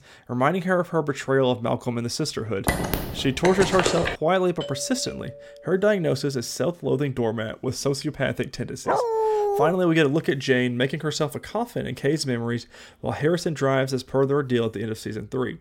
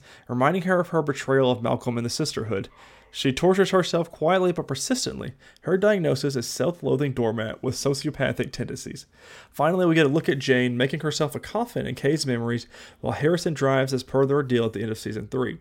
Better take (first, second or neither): second